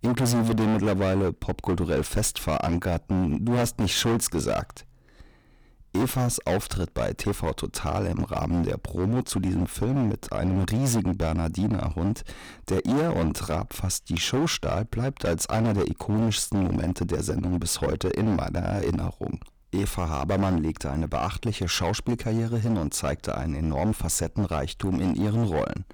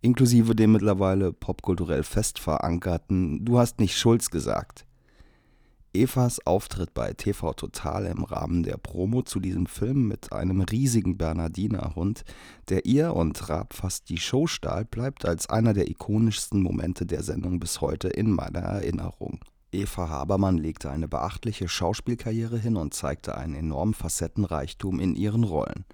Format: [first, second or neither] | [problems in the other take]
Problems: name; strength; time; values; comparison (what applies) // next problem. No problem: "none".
second | distortion; heavy; 16% of the sound clipped